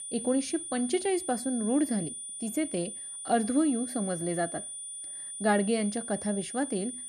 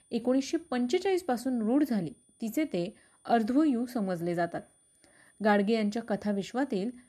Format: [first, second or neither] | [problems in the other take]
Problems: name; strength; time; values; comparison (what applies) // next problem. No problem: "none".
second | high-pitched whine; loud; throughout; 9.5 kHz, 7 dB below the speech; faint in the second